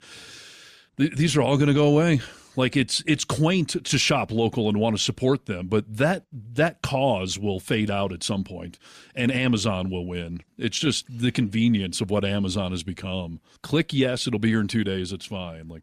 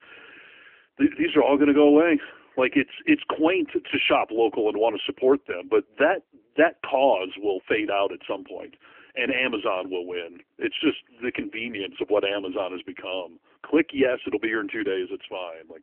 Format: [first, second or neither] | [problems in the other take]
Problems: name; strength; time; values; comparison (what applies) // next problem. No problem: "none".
first | phone-call audio; nothing above 3 kHz